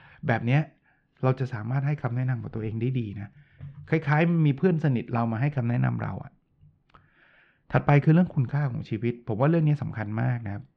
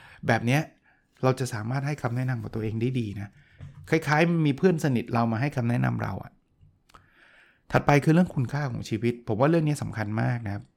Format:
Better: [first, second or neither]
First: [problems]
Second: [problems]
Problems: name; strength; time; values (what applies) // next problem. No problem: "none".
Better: second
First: muffled; slightly; fading above 3.5 kHz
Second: none